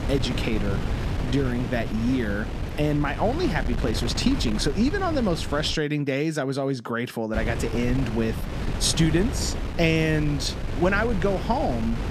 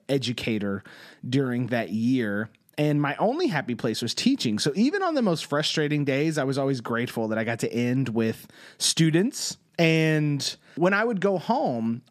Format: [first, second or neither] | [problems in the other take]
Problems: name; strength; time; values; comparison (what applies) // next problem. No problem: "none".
second | wind noise on the microphone; heavy; until 5.5 s and from 7.5 s on; 9 dB below the speech